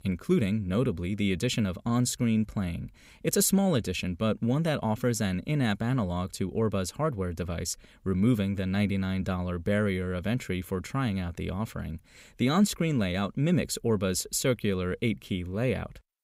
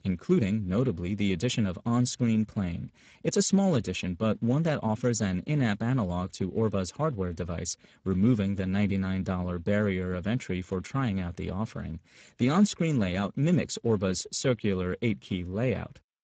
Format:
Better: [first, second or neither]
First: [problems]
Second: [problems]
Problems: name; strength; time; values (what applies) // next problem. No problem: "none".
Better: first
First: none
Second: garbled, watery; badly; nothing above 7.5 kHz